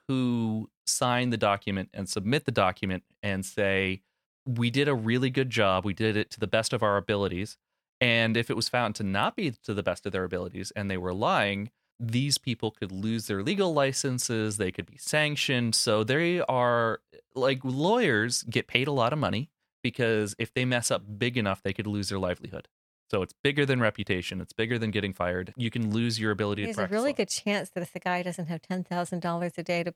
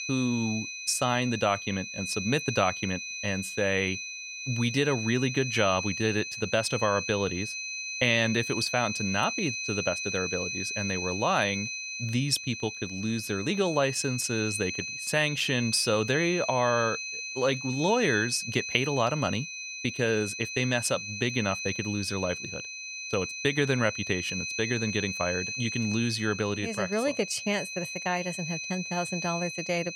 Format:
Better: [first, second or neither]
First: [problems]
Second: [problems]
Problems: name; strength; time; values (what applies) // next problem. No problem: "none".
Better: first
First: none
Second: high-pitched whine; loud; throughout; 2.5 kHz, 5 dB below the speech